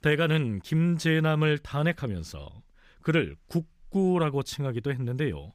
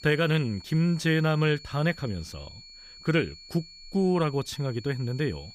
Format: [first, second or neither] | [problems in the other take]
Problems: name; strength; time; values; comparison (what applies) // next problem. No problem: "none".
first | high-pitched whine; noticeable; throughout; 4.5 kHz, 20 dB below the speech